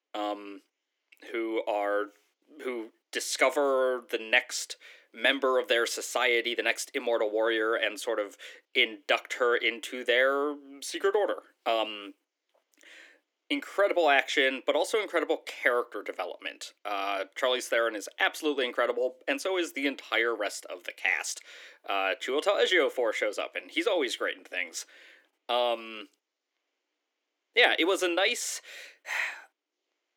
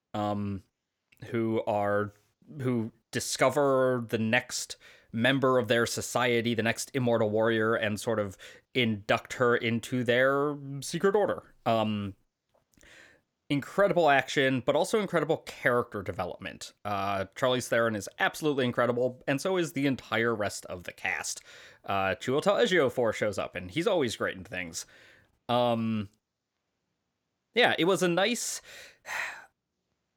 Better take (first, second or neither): second